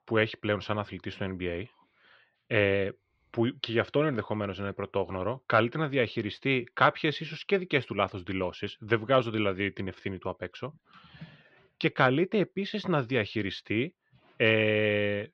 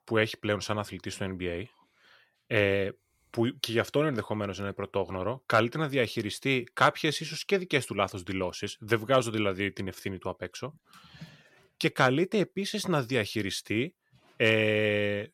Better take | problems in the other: second | muffled; slightly; fading above 3.5 kHz

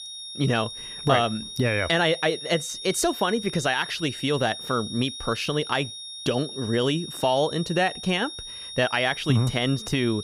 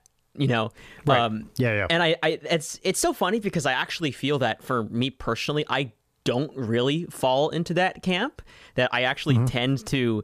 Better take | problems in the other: second | high-pitched whine; loud; throughout; 3.5 kHz, 10 dB below the speech

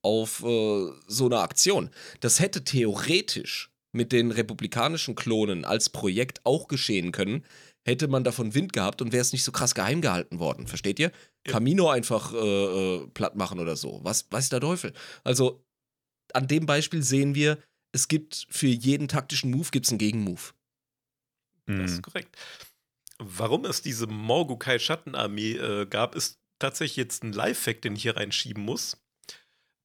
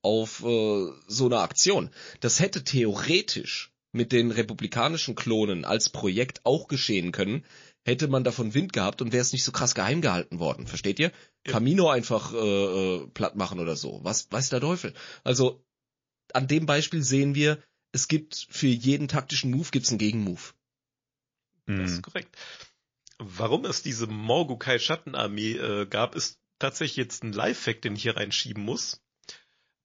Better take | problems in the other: first | garbled, watery; slightly; nothing above 6.5 kHz

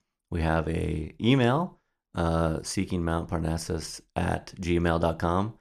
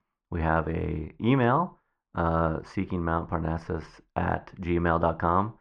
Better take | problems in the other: first | muffled; very; fading above 2 kHz

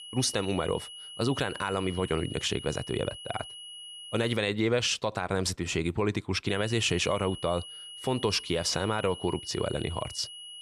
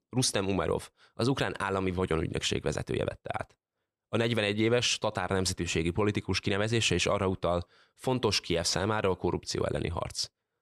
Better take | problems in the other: second | high-pitched whine; noticeable; until 4.5 s and from 6.5 s on; 3 kHz, 10 dB below the speech

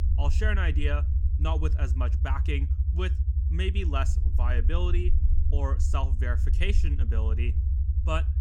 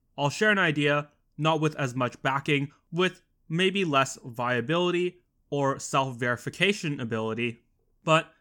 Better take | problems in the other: second | low rumble; loud; throughout; 9 dB below the speech

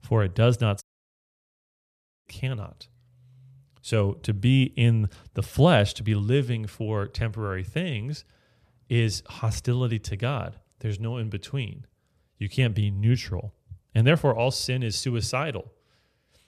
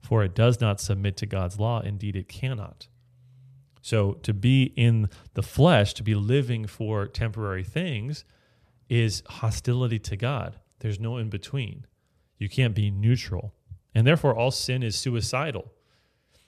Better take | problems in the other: second | audio cutting out; at 1 s for 1.5 s

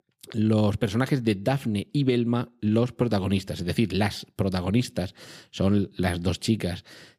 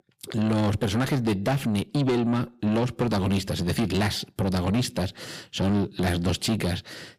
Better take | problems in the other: first | distortion; heavy; 7 dB below the speech

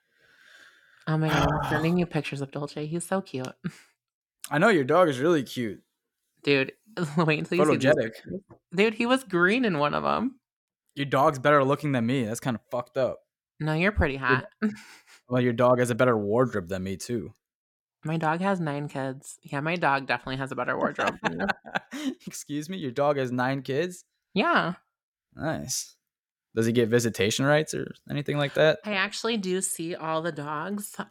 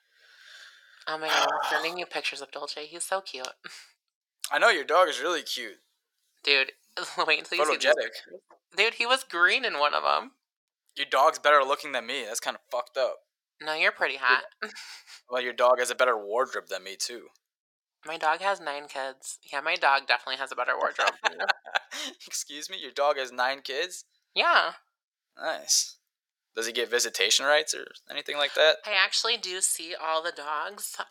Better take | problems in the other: first | thin; very; fading below 550 Hz

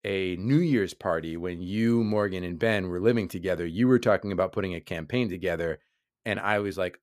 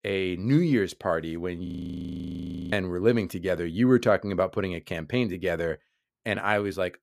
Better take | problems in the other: first | audio freezing; at 1.5 s for 1 s

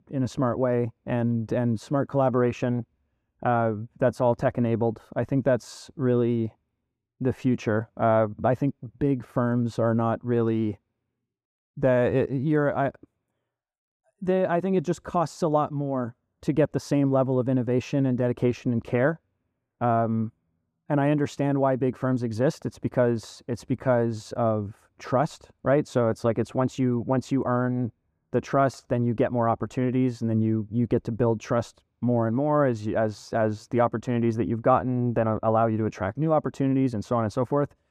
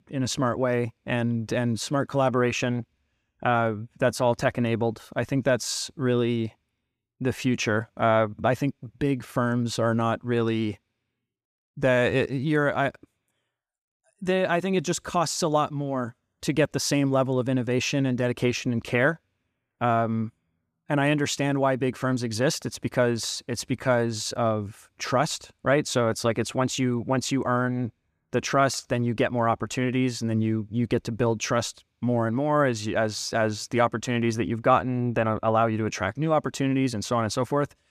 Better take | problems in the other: second | muffled; slightly; fading above 1.5 kHz

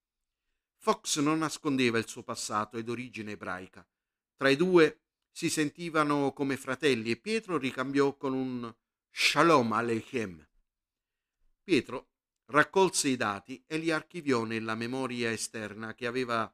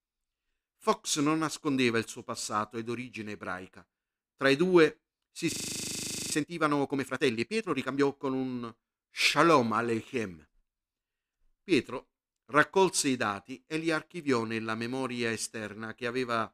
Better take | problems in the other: first | audio freezing; at 5.5 s for 1 s

